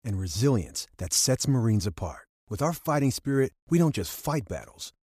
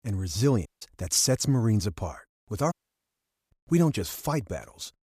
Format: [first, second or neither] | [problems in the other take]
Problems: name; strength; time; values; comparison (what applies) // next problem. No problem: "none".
first | audio cutting out; at 0.5 s and at 2.5 s for 1 s